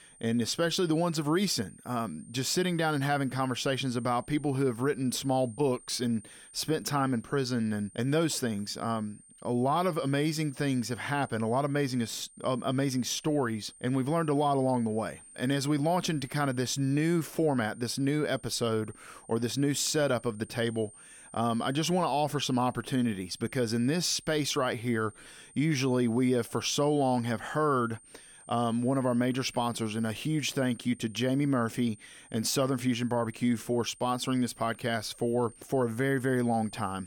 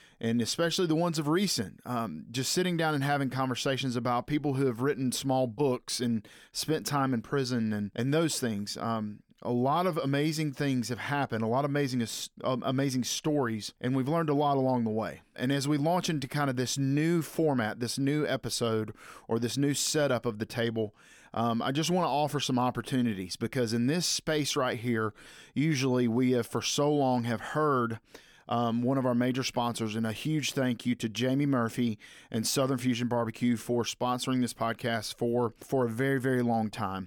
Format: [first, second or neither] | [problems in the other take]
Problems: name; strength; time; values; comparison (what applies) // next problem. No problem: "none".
second | high-pitched whine; faint; throughout; 9 kHz, 20 dB below the speech